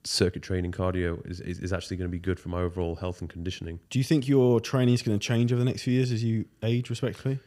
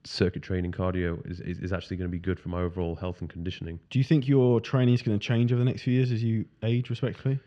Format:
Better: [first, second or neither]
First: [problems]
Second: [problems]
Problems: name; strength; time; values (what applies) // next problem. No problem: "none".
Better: first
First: none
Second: muffled; very slightly; fading above 3 kHz